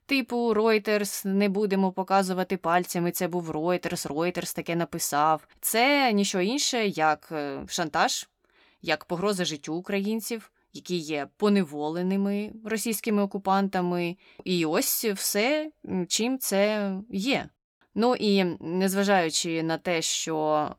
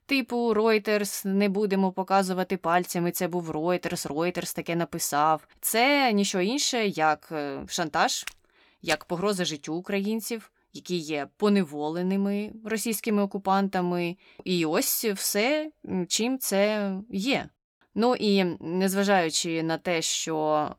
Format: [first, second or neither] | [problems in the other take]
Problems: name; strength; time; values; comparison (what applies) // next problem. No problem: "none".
first | footsteps; faint; at 8.5 s; peak 10 dB below the speech